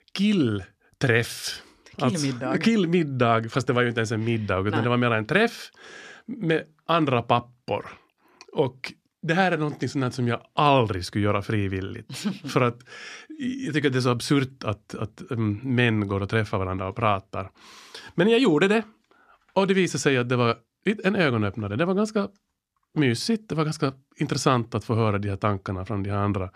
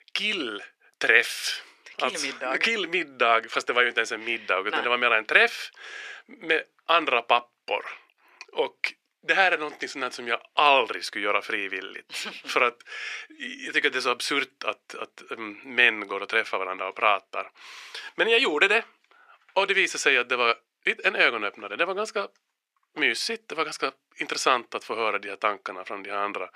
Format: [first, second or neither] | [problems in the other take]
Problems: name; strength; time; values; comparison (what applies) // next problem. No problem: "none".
first | thin; very; fading below 450 Hz